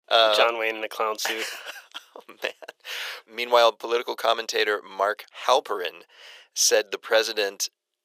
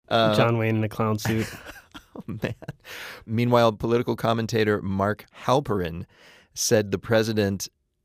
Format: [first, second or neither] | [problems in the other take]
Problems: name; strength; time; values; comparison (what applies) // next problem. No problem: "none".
second | thin; very; fading below 450 Hz